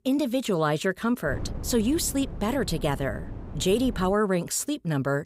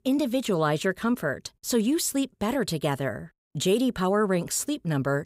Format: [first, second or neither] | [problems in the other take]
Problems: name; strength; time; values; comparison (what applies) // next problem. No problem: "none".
second | wind noise on the microphone; occasional gusts; from 1.5 to 4 s; 20 dB below the speech